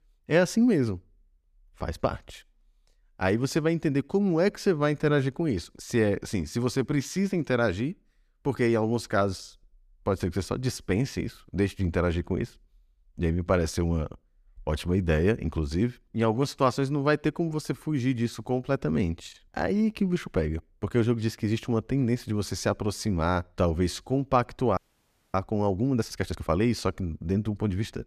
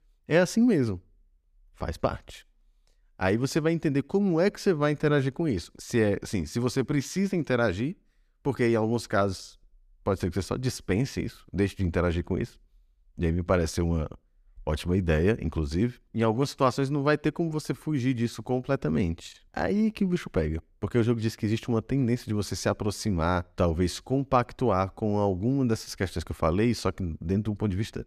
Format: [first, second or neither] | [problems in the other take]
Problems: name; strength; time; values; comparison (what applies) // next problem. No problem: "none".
second | audio freezing; at 25 s for 0.5 s